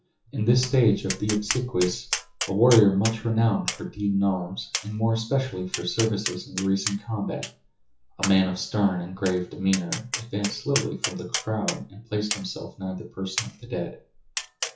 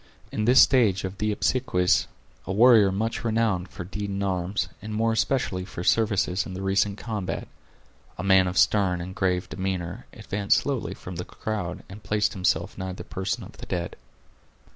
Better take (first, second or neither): second